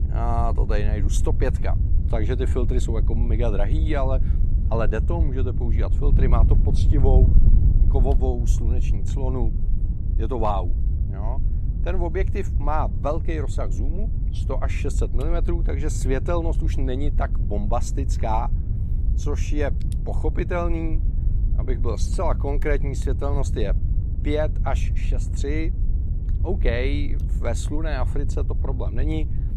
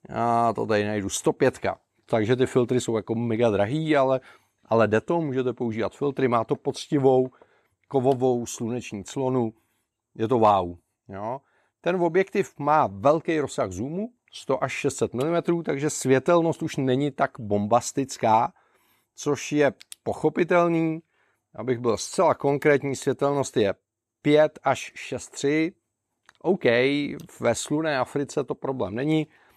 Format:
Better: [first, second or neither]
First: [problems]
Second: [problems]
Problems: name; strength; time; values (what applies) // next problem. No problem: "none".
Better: second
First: wind noise on the microphone; occasional gusts; 10 dB below the speech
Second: none